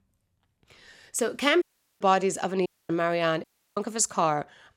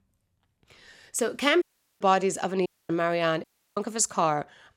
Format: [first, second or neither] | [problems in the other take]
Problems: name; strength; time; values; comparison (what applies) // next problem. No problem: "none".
neither | audio cutting out; at 1.5 s, at 2.5 s and at 3.5 s; the same in both